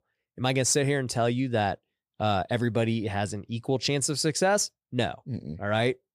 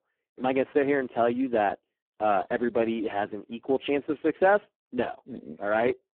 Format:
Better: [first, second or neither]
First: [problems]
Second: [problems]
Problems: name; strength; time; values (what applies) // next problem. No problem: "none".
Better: first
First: none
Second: phone-call audio; poor line